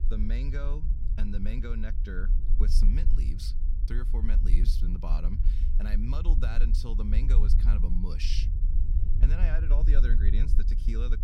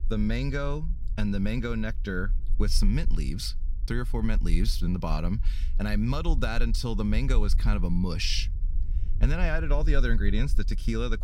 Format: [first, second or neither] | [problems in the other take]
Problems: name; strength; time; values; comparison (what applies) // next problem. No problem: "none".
second | low rumble; loud; throughout; 7 dB below the speech; faint in the second